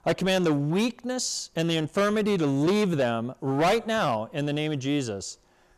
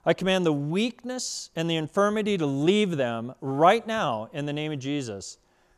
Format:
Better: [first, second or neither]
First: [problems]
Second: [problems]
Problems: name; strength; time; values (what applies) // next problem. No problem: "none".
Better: second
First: distortion; heavy; 10% of the sound clipped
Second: none